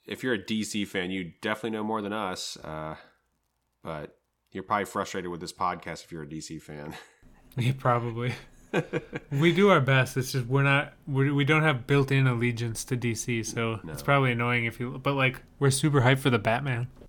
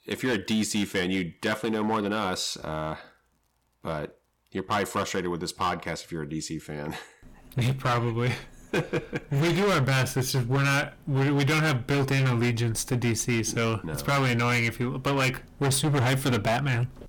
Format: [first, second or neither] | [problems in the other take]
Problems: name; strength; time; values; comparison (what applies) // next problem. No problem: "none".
first | distortion; heavy; 17% of the sound clipped